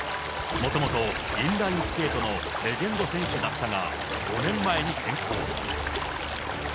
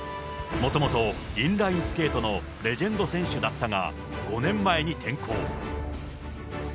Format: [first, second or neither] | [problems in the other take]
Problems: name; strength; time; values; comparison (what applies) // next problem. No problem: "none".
second | background sound (Stream); 2 dB below the speech